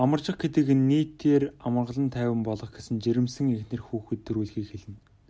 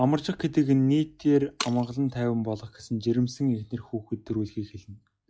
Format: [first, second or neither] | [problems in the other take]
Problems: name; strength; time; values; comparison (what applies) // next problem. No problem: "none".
first | noise reduction (classical method log-MMSE)